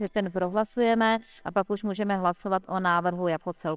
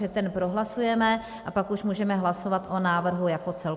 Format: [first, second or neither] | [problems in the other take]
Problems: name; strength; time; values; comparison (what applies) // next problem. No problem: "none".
second | noise reduction (neural separator model SepFormer WHAMR!)